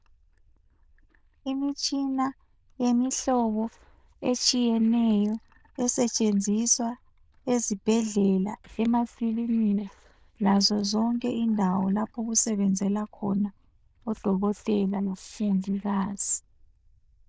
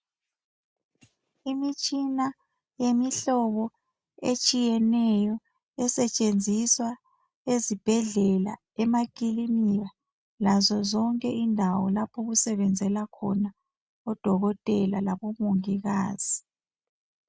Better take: second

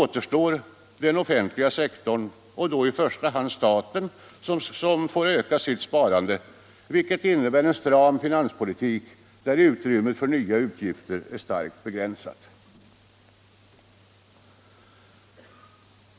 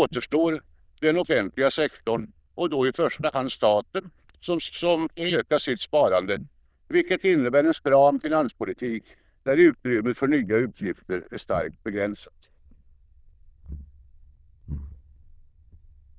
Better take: first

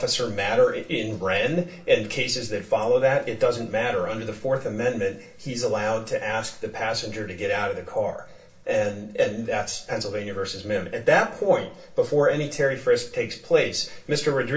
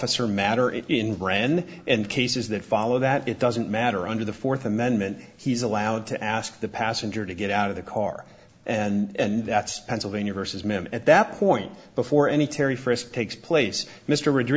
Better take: second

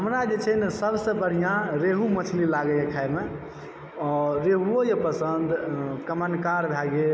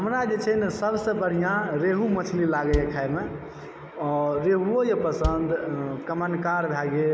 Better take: first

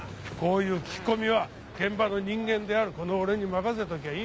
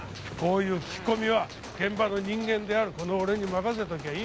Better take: first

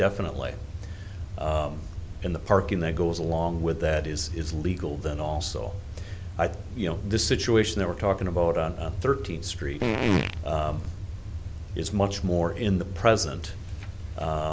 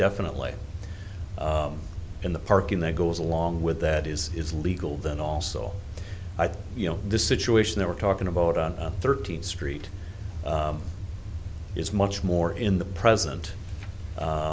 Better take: second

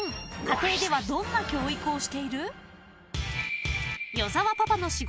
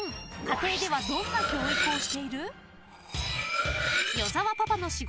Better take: first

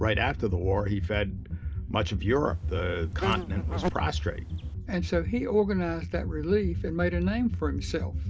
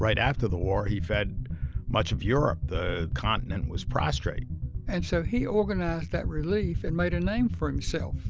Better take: second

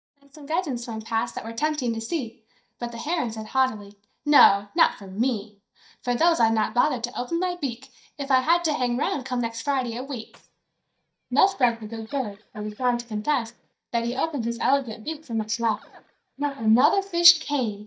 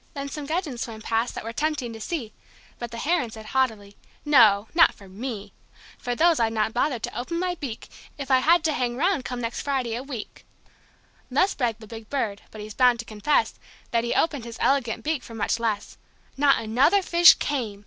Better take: second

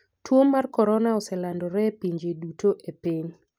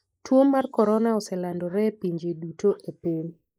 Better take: first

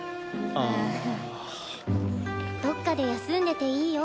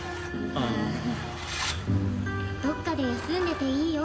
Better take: first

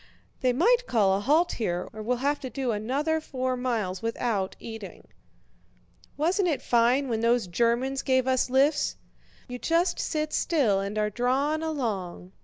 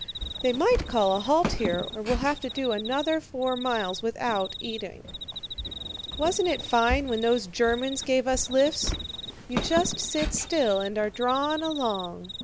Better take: first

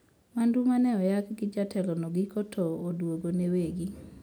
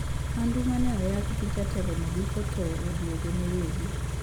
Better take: first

